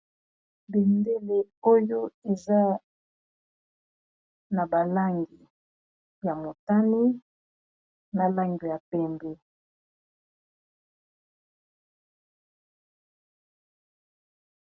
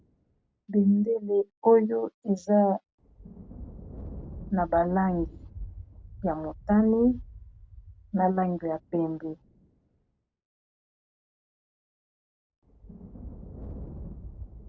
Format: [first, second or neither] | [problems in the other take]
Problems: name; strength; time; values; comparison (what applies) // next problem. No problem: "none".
first | background sound (Thunder); 16 dB below the speech